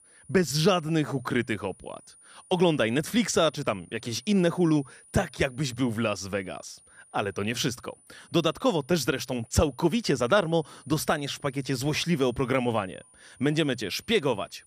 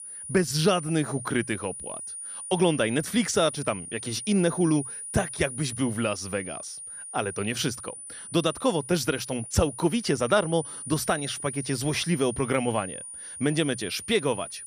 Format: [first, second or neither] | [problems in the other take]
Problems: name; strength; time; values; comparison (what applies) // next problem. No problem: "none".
first | high-pitched whine; loud; throughout; 9.5 kHz, 9 dB below the speech; faint in the first